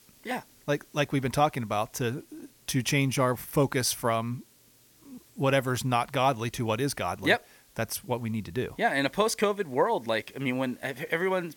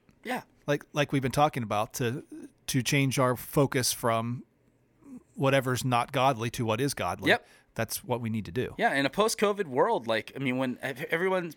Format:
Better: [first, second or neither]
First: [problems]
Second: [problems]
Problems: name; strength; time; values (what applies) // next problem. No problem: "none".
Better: second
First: hiss; faint; throughout; 30 dB below the speech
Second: none